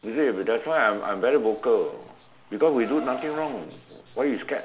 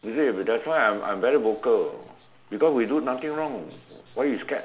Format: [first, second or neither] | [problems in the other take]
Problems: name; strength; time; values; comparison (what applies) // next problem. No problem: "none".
second | background sound (Car); 20 dB below the speech